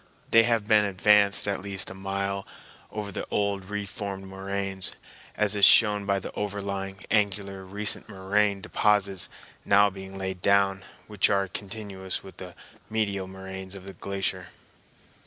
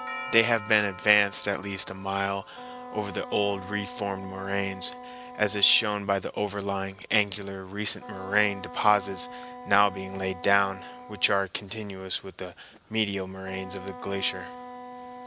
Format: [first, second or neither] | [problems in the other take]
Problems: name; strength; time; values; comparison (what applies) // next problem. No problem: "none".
first | background sound (Wind instrument, woodwind instrument + Doorbell); 14 dB below the speech